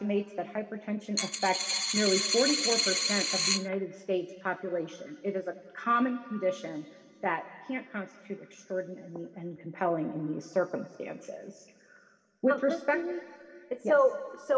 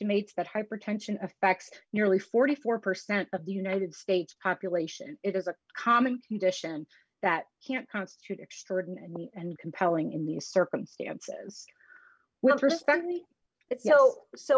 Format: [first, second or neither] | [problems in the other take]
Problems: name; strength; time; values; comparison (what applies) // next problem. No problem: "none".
second | background sound (Coin (dropping)); 2 dB above the speech // room echo; dies away in 2.5 s